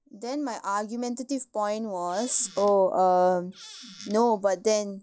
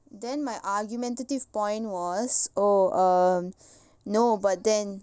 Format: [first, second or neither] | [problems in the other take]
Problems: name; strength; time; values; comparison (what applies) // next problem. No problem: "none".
second | noise reduction (classical method log-MMSE)